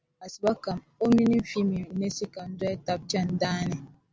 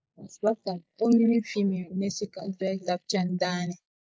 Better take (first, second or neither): first